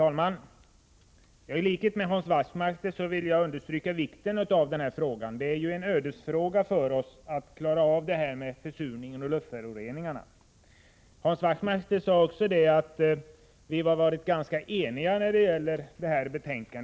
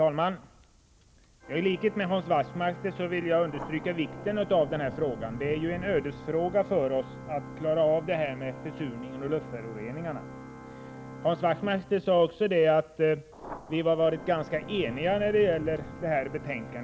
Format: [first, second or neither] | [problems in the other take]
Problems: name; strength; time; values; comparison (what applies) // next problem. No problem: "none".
first | background sound (Organ + Thunder); 14 dB below the speech